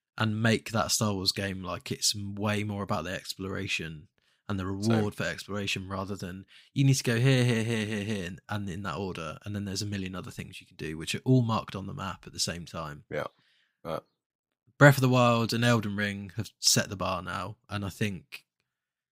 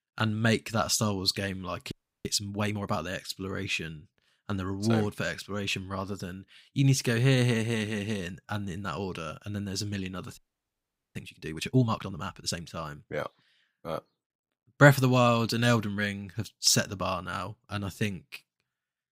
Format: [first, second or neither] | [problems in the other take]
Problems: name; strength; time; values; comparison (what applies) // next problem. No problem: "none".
first | audio freezing; at 2 s and at 10 s for 1 s